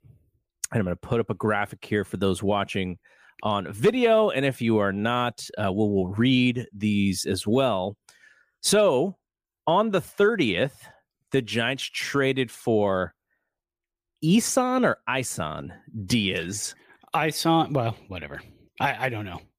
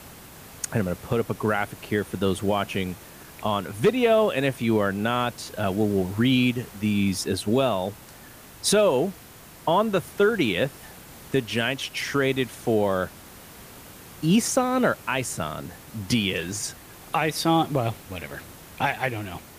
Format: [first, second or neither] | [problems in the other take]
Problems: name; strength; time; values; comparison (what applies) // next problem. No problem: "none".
first | hiss; noticeable; throughout; 20 dB below the speech